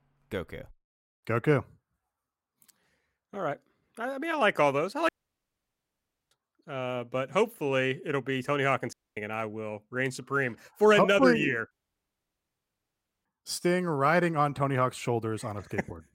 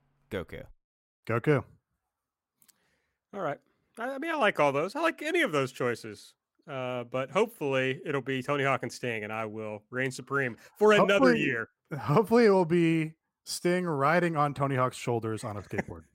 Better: second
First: audio cutting out; at 5 s for 1 s, at 9 s and at 12 s for 1.5 s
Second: none

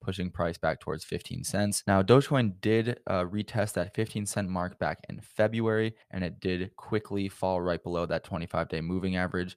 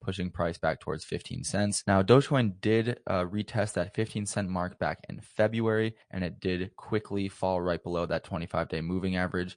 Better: first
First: none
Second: garbled, watery; slightly; nothing above 9 kHz

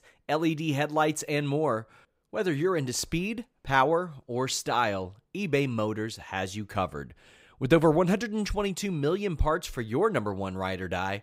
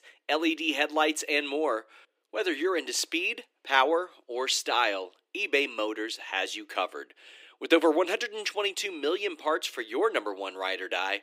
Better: first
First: none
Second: thin; somewhat; fading below 300 Hz

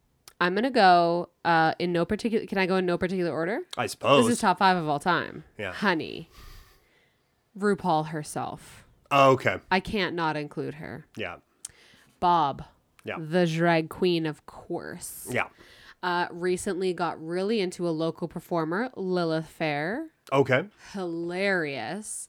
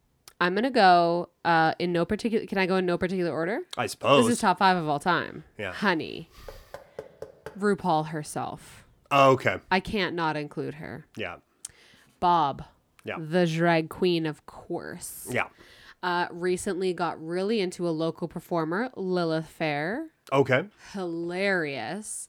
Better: first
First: none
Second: door banging; faint; from 6.5 to 7.5 s; peak 15 dB below the speech

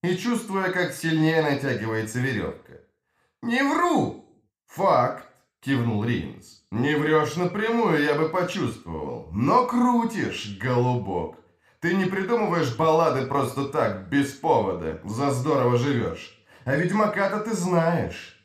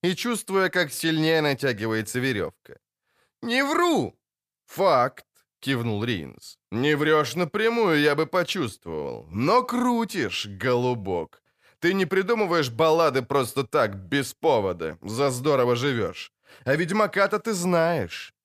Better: second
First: room echo; slight; dies away in 0.4 s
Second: none

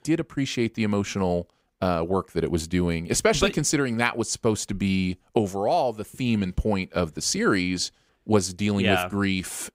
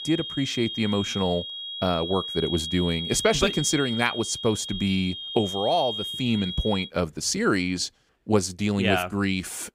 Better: first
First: none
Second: high-pitched whine; loud; until 7 s; 3 kHz, 6 dB below the speech

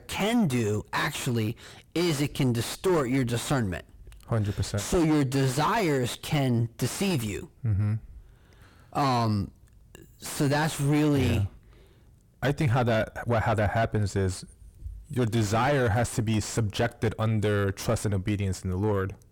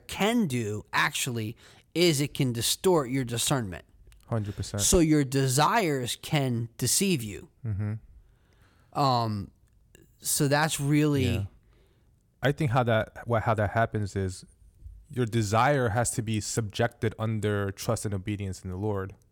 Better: second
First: distortion; heavy; 5 dB below the speech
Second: none

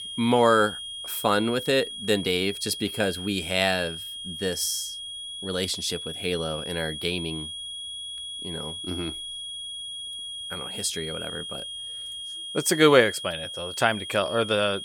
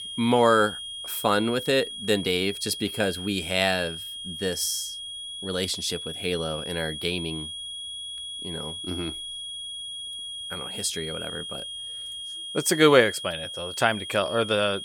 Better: neither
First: high-pitched whine; loud; throughout; 3.5 kHz, 8 dB below the speech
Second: high-pitched whine; loud; throughout; 3.5 kHz, 8 dB below the speech

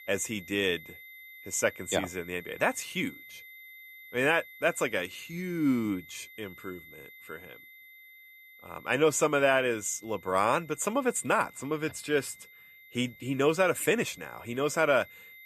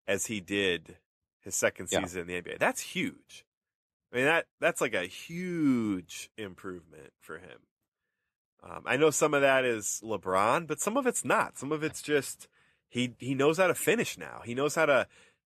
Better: second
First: high-pitched whine; noticeable; throughout; 2 kHz, 20 dB below the speech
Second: none

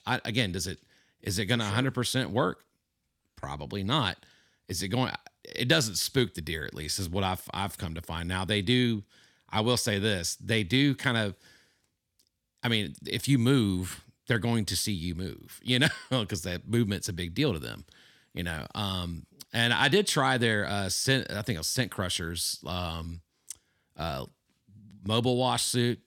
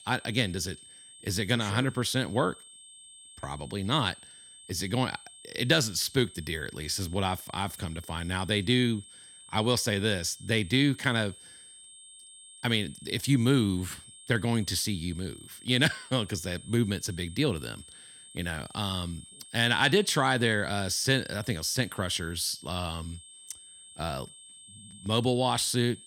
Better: first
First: none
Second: high-pitched whine; noticeable; throughout; 8.5 kHz, 20 dB below the speech

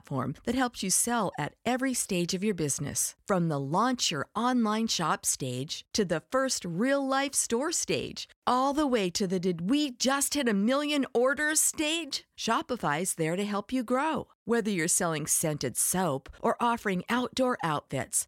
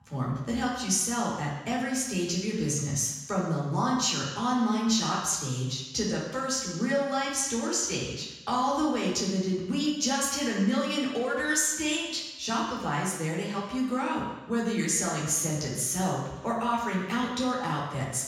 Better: first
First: none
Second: room echo; noticeable; dies away in 1.1 s // off-mic speech; far

